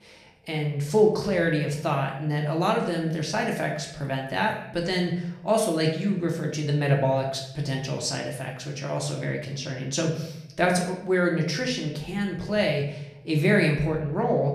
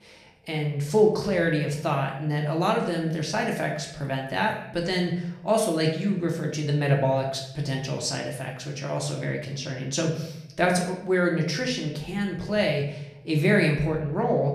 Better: neither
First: room echo; slight; dies away in 0.7 s // off-mic speech; somewhat distant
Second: room echo; slight; dies away in 0.7 s // off-mic speech; somewhat distant

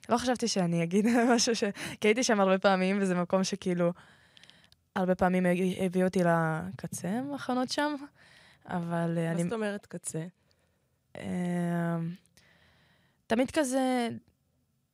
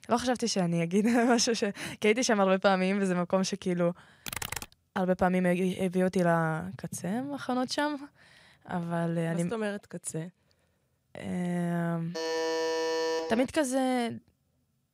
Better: first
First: none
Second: keyboard typing; noticeable; at 4.5 s; peak 6 dB below the speech // alarm; noticeable; from 12 to 13 s; peak 1 dB below the speech

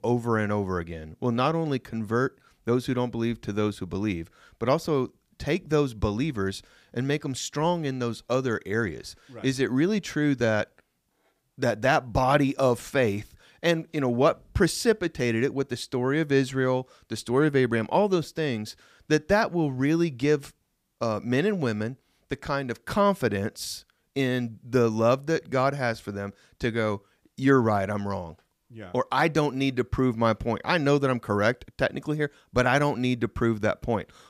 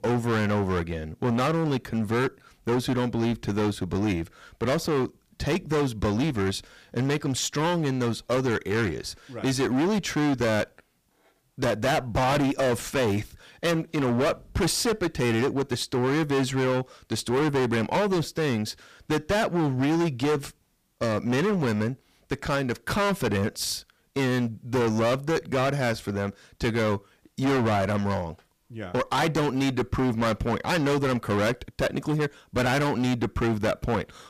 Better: first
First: none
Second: distortion; heavy; 21% of the sound clipped

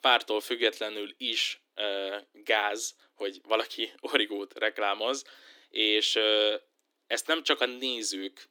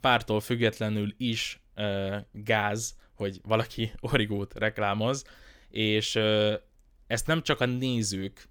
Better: second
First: thin; somewhat; fading below 300 Hz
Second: none

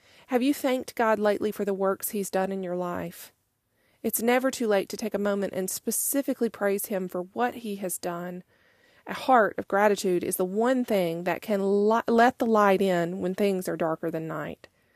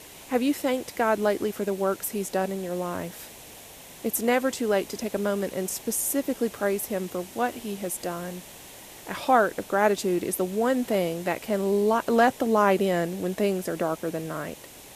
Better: first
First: none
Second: hiss; noticeable; throughout; 15 dB below the speech

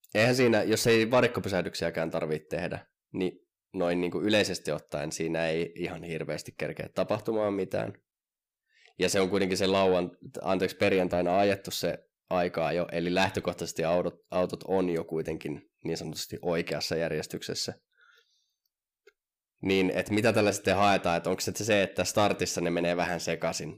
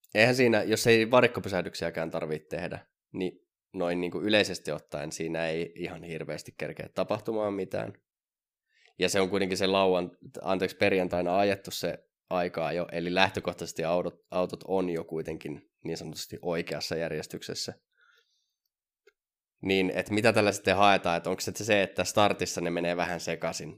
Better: second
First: distortion; slight; 10 dB below the speech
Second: none

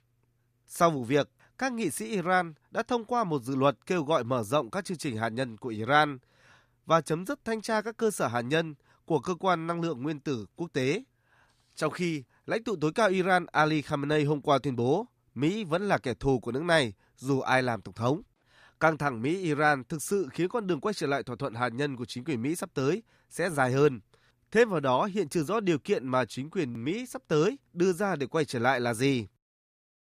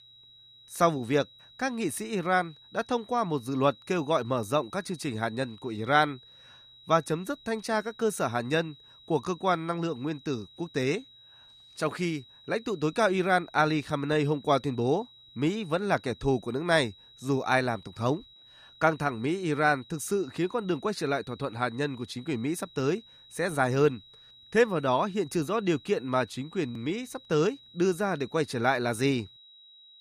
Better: first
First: none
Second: high-pitched whine; faint; throughout; 4 kHz, 25 dB below the speech

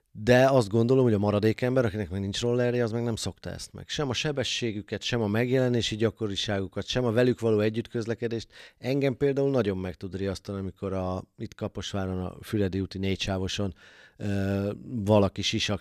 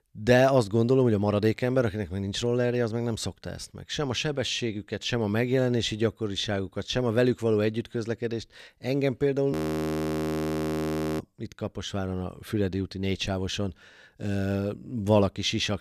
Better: first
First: none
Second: audio freezing; at 9.5 s for 1.5 s

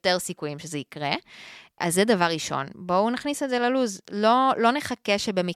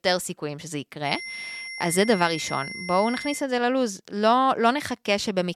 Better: first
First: none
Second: high-pitched whine; loud; from 1 to 3.5 s; 2 kHz, 9 dB below the speech

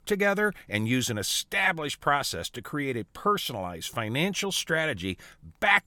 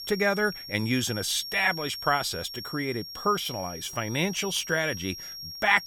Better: first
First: none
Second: high-pitched whine; loud; throughout; 5.5 kHz, 9 dB below the speech

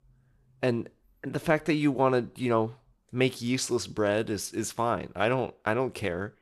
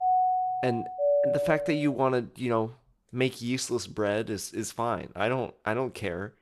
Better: first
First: none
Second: doorbell; loud; until 2 s; peak 5 dB above the speech

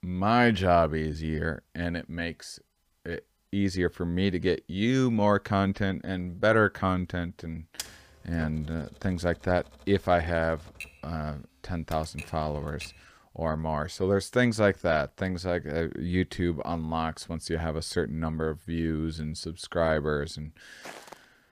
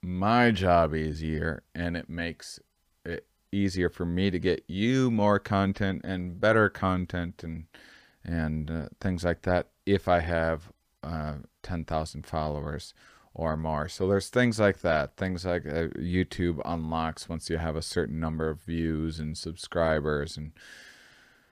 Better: second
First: keyboard typing; faint; from 8 to 13 s; peak 10 dB below the speech // footsteps; faint; at 21 s; peak 15 dB below the speech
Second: none

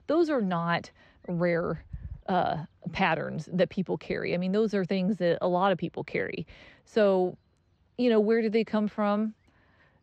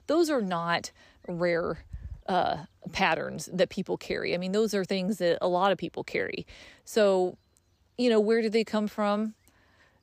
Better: second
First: muffled; very slightly; fading above 3 kHz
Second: none

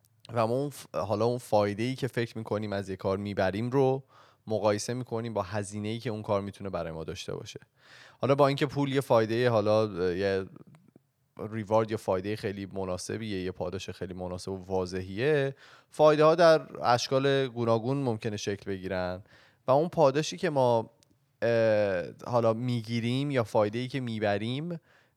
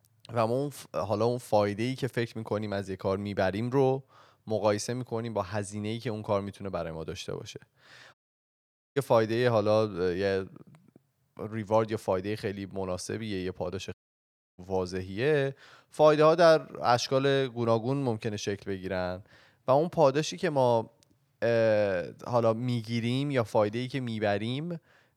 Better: first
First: none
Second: audio cutting out; at 8 s for 1 s and at 14 s for 0.5 s

